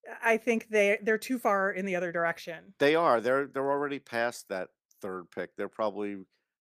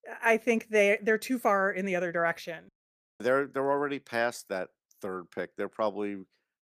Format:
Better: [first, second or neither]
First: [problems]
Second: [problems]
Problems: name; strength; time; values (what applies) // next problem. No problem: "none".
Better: first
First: none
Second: audio cutting out; at 2.5 s for 0.5 s